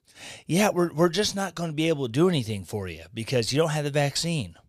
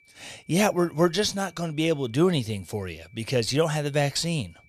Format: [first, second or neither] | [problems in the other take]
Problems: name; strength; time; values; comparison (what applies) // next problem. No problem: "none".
first | high-pitched whine; faint; throughout; 2.5 kHz, 30 dB below the speech